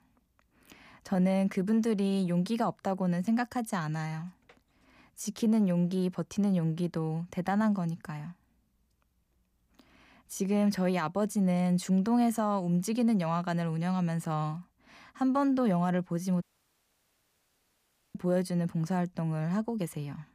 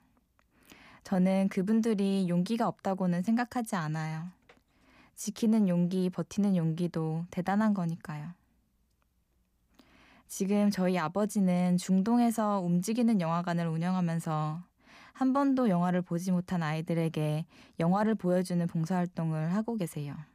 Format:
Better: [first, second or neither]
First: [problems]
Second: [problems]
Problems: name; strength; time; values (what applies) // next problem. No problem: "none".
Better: second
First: audio cutting out; at 16 s for 1.5 s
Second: none